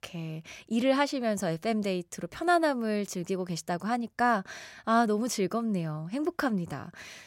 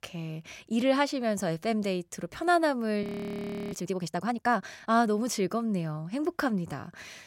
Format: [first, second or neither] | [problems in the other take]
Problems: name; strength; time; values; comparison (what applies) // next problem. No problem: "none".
first | audio freezing; at 3 s for 0.5 s